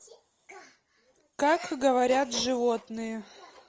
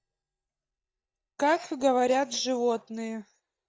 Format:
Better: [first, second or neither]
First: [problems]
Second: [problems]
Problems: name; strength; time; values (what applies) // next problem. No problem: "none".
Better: first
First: none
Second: noise reduction (neural mask model DeepFilterNet 3)